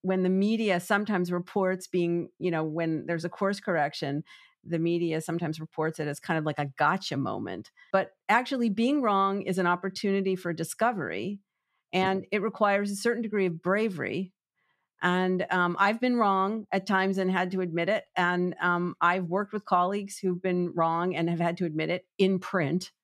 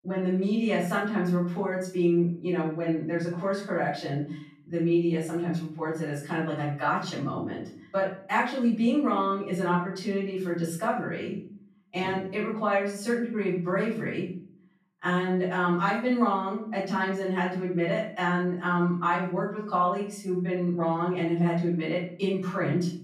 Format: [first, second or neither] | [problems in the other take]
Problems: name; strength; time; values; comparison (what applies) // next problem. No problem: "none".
first | room echo; noticeable; dies away in 0.5 s // off-mic speech; far